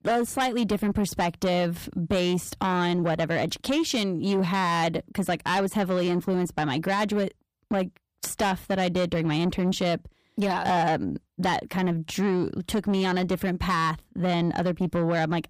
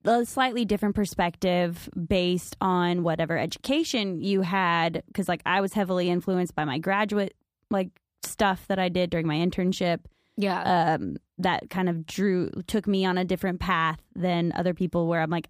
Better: second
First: distortion; slight; 10 dB below the speech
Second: none

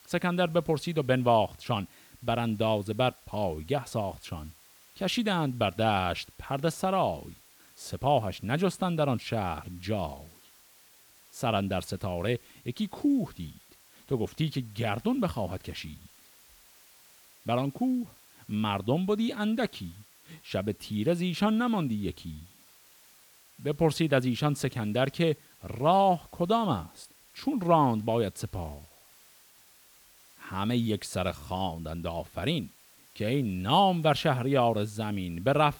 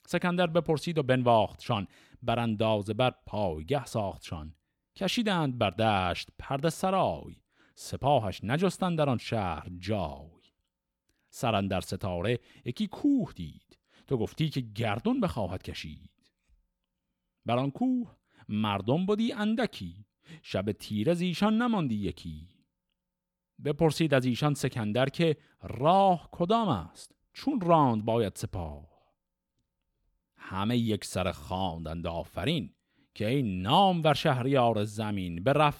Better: second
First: hiss; faint; throughout; 25 dB below the speech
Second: none

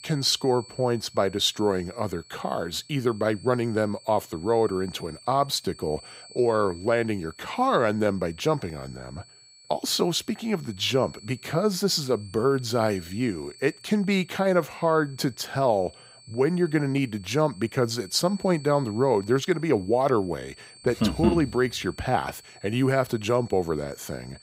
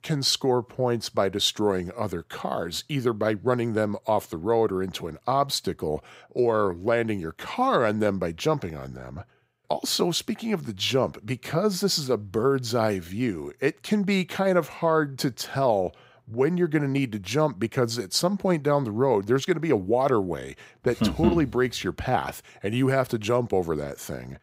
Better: second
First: high-pitched whine; faint; throughout; 4.5 kHz, 20 dB below the speech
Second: none

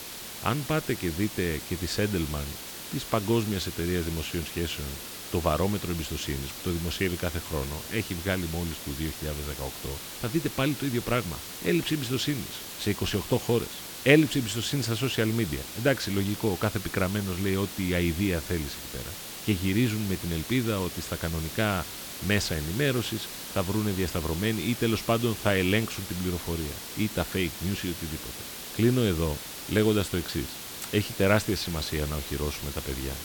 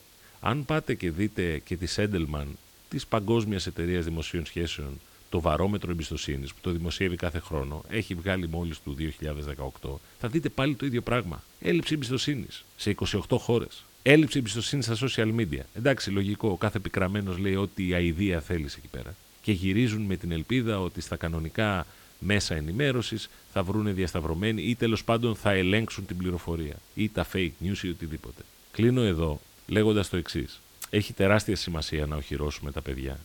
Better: second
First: hiss; loud; throughout; 8 dB below the speech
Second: hiss; faint; throughout; 25 dB below the speech

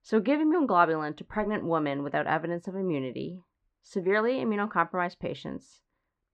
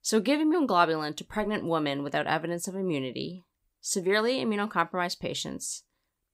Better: second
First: muffled; very; fading above 1.5 kHz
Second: none

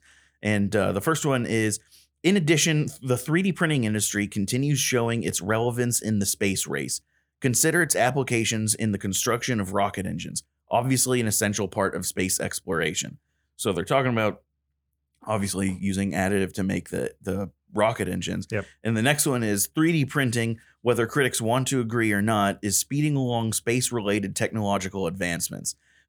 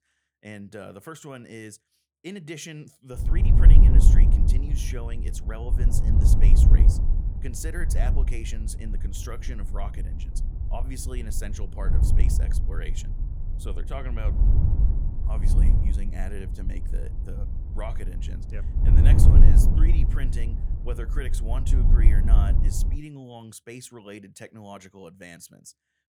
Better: first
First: none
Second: wind noise on the microphone; heavy; from 3 to 23 s; as loud as the speech

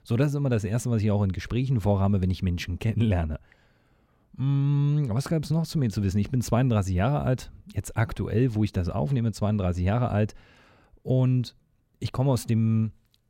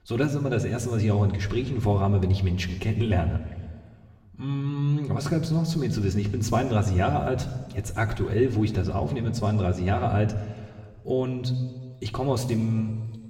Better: first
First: none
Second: room echo; slight; dies away in 1.3 s // off-mic speech; somewhat distant

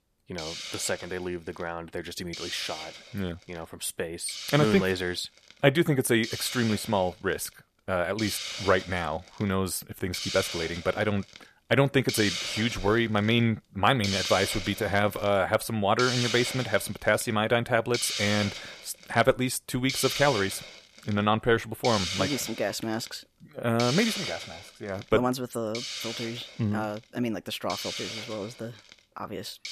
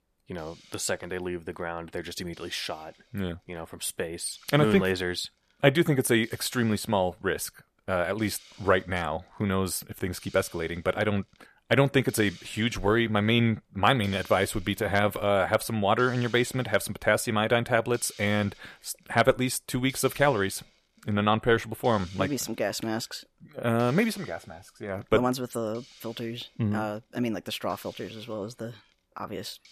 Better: second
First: hiss; loud; throughout; 6 dB below the speech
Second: hiss; faint; throughout; 25 dB below the speech

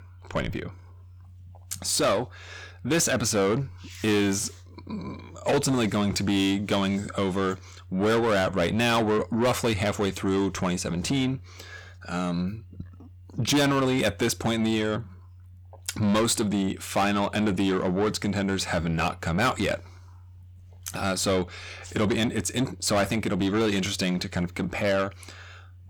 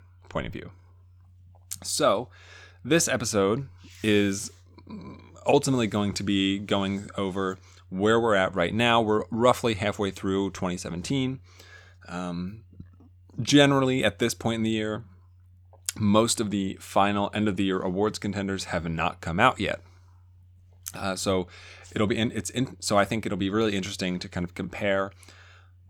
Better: second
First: distortion; heavy; 7 dB below the speech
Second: none

